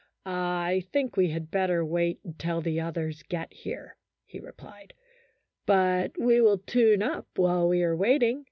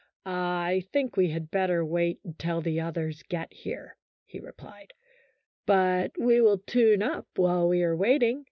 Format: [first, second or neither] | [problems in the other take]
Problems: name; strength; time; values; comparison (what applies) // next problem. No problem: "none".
first | noise reduction (neural mask model Resemble Enhance denoiser)